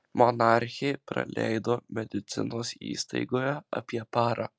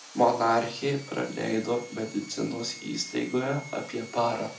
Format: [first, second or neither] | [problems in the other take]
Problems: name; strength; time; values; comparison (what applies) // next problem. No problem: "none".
first | background sound (Sawing); 18 dB below the speech // room echo; dies away in 0.4 s